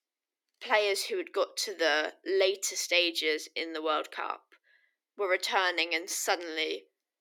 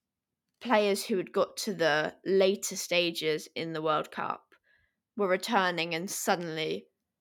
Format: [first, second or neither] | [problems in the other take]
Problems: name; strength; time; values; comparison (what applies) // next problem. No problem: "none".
second | thin; very; fading below 300 Hz